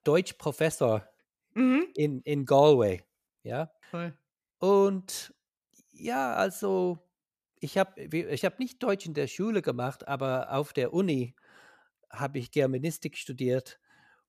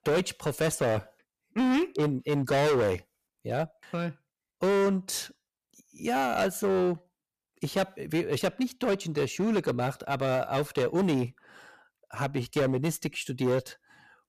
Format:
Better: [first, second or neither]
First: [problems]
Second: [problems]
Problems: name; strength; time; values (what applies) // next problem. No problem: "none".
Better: first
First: none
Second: distortion; heavy; 12% of the sound clipped